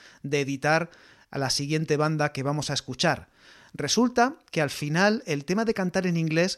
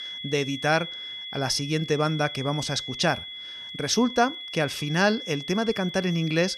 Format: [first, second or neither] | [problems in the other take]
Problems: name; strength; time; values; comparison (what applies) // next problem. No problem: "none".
first | high-pitched whine; loud; throughout; 3.5 kHz, 9 dB below the speech